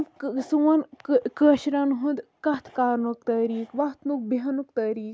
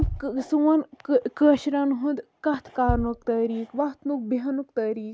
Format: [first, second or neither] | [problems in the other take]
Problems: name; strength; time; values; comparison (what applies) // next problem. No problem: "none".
first | background sound (Bass drum); 11 dB below the speech